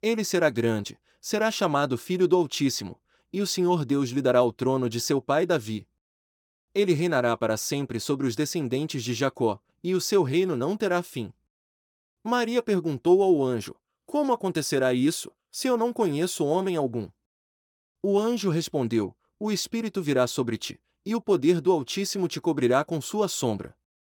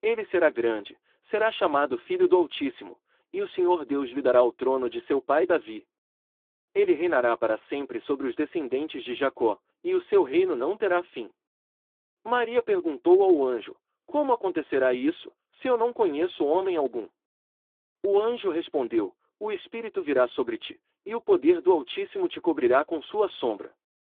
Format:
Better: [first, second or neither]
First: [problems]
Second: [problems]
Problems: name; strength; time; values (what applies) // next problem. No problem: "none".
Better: first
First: none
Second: phone-call audio; nothing above 3.5 kHz